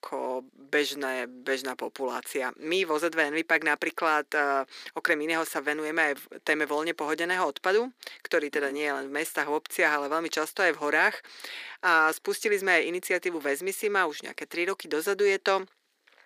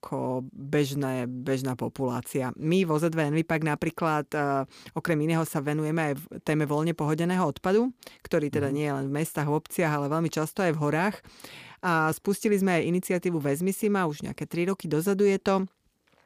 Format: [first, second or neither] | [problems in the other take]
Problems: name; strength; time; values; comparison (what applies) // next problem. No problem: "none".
second | thin; very; fading below 350 Hz